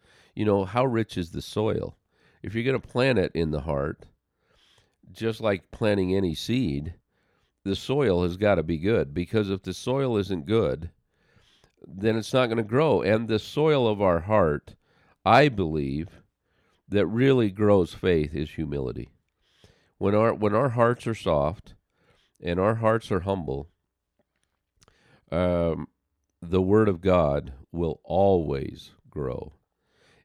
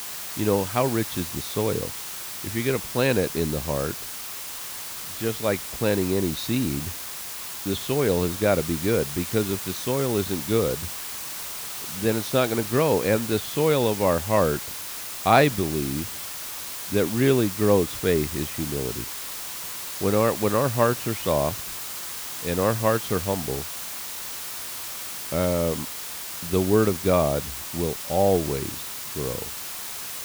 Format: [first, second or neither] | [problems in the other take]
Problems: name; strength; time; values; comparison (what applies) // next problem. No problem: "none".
first | hiss; loud; throughout; 6 dB below the speech